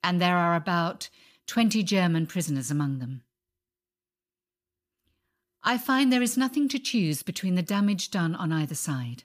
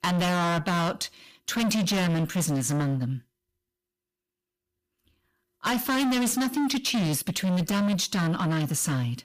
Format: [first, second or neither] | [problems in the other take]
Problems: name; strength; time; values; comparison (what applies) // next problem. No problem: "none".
first | distortion; heavy; 26% of the sound clipped